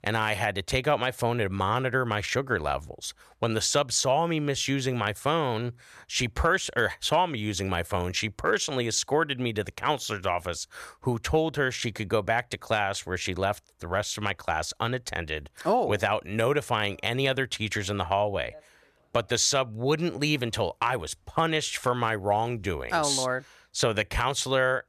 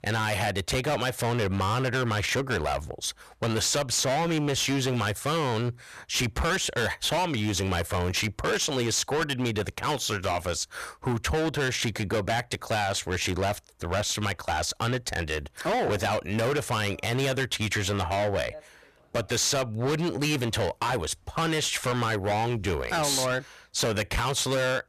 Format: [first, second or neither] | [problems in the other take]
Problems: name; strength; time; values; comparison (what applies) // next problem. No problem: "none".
first | distortion; heavy; 23% of the sound clipped